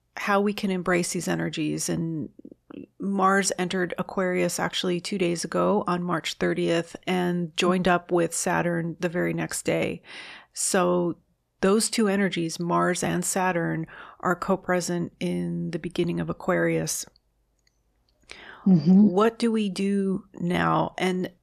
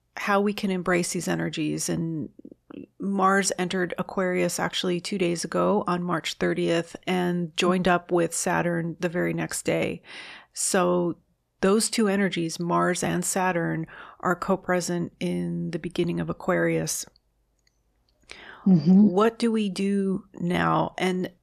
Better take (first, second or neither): neither